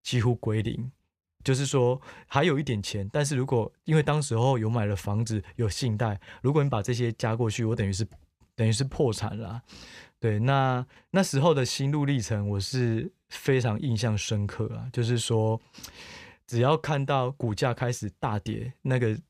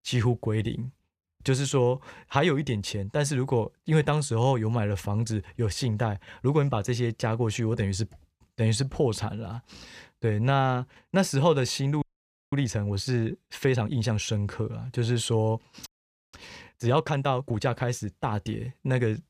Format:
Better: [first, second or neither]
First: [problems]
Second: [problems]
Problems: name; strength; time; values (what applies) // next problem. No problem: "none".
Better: first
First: none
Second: audio freezing; at 12 s for 0.5 s and at 16 s